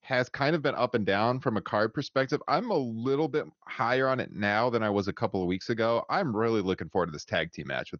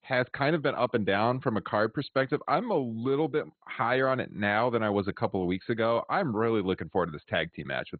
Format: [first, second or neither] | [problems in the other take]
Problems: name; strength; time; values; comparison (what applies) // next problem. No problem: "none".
first | garbled, watery; badly; nothing above 4 kHz; slightly in the first